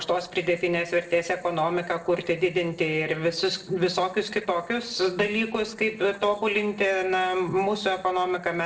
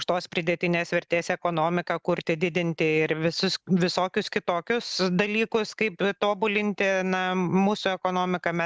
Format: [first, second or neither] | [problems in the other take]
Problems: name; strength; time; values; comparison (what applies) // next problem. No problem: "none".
second | noise reduction (neural separator model SepFormer DNS4)